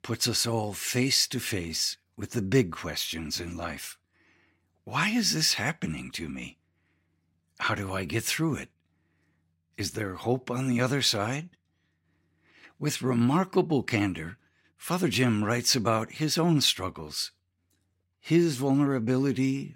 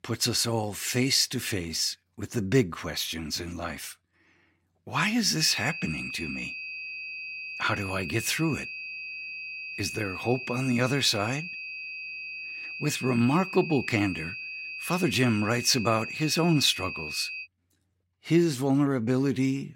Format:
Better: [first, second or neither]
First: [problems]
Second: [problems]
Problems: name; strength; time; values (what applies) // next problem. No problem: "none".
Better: first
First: none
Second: high-pitched whine; loud; from 5.5 to 17 s; 2.5 kHz, 8 dB below the speech